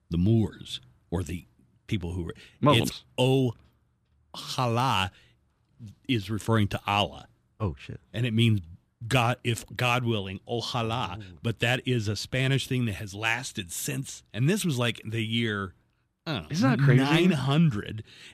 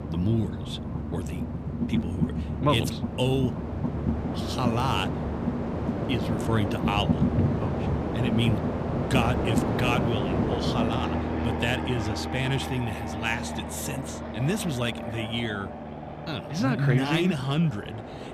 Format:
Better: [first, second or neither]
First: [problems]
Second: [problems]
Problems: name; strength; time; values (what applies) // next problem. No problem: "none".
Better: first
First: none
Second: train or aircraft noise; loud; throughout; 1 dB below the speech